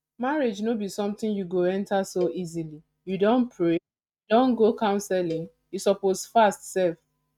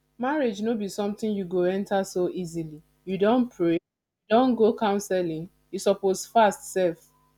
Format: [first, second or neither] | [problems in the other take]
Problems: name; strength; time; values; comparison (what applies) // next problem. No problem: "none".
second | noise reduction (neural mask model RNNoise)